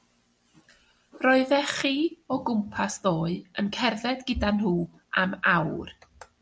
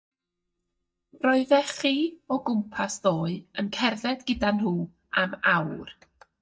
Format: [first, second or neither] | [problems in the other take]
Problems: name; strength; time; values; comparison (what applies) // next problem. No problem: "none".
first | noise reduction (neural mask model DeepFilterNet 3)